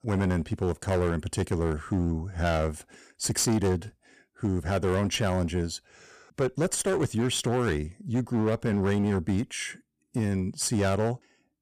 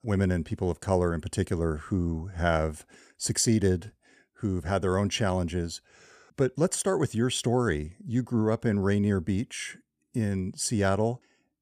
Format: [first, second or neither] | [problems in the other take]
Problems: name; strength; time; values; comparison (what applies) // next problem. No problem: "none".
second | distortion; slight; 14% of the sound clipped